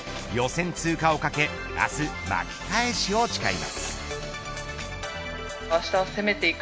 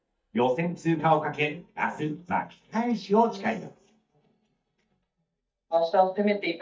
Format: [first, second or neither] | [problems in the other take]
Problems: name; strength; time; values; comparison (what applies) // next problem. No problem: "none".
first | noise reduction (neural mask model DeepFilterNet 3)